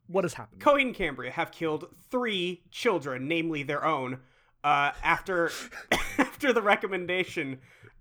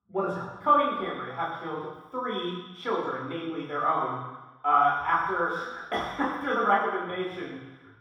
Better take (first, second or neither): first